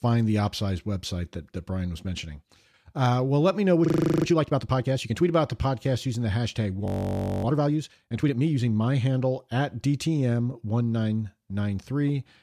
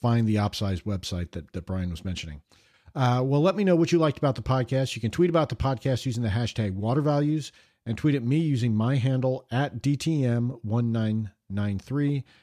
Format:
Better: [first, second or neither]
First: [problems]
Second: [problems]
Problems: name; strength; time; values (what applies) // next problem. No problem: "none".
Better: second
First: audio freezing; at 4 s and at 7 s for 0.5 s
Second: none